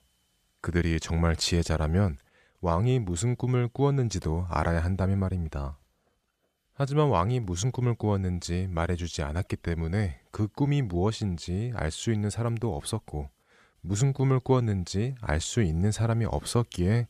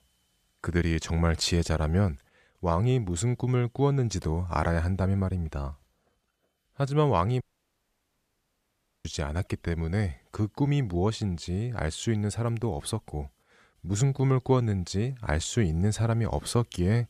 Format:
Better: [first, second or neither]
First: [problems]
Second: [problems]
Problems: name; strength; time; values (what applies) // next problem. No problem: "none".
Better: first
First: none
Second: audio cutting out; at 7.5 s for 1.5 s